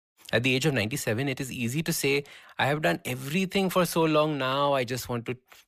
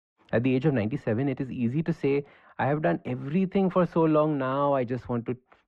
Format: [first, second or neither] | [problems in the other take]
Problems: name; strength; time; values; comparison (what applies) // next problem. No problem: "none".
first | muffled; very; fading above 1.5 kHz